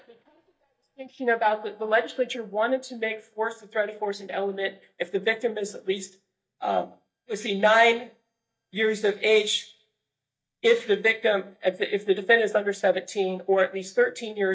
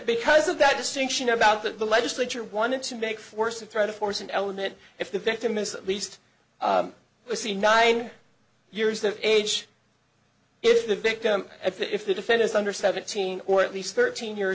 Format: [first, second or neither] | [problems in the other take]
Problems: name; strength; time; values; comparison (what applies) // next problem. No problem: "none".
second | noise reduction (neural mask model DeepFilterNet 3)